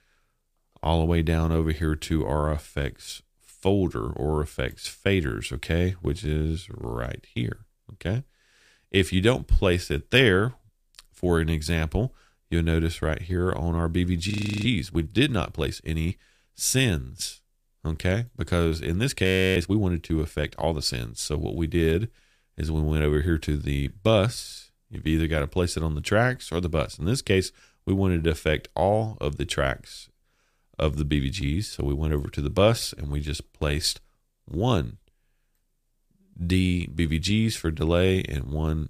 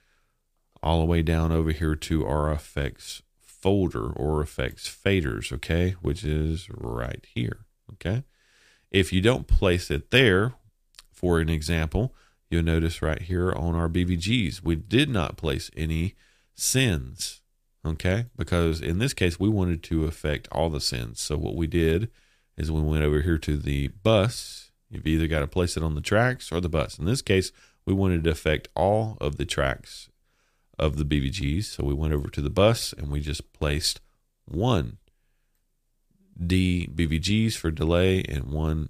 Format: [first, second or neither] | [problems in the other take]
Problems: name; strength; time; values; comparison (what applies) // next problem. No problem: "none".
second | audio freezing; at 14 s and at 19 s